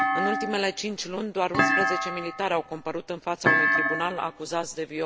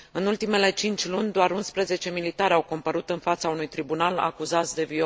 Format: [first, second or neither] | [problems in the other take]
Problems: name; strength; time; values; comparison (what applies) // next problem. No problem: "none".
second | background sound (Thump, thud); 2 dB above the speech